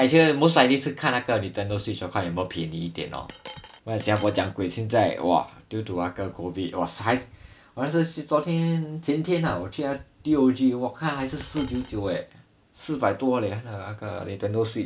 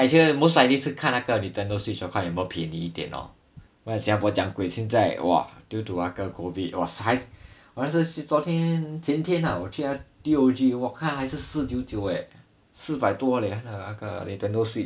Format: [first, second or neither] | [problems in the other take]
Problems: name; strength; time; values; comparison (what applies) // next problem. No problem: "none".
second | background sound (Coin (dropping)); 18 dB below the speech